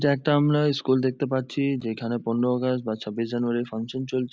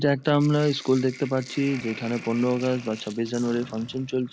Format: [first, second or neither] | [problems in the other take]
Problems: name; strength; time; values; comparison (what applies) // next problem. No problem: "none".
first | background sound (Sink (filling or washing)); 18 dB below the speech